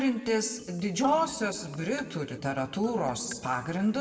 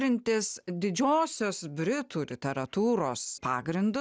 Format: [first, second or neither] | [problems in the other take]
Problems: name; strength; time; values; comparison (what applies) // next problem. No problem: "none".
second | noise reduction (neural separator model SepFormer DNS4)